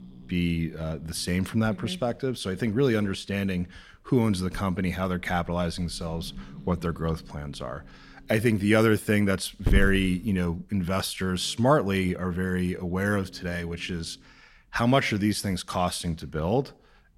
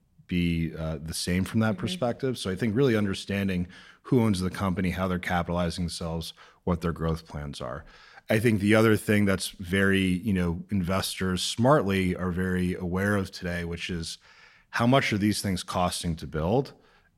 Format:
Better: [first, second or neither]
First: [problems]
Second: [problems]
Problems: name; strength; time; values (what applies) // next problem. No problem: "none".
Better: second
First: hiss; noticeable; throughout; 10 dB below the speech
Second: none